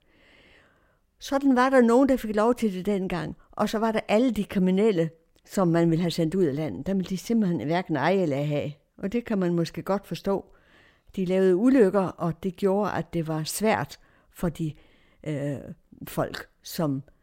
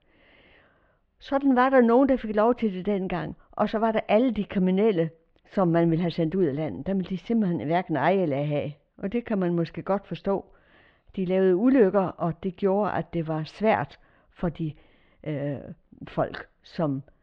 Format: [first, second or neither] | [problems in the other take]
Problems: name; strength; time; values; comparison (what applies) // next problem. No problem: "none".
first | muffled; slightly; fading above 3.5 kHz